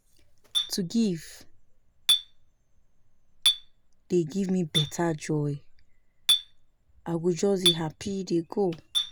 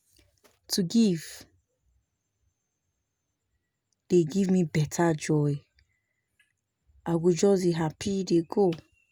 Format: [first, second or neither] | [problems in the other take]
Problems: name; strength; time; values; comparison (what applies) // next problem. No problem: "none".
second | background sound (Chink, clink); 2 dB below the speech